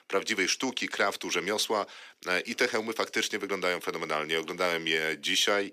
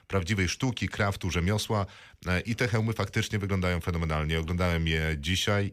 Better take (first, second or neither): second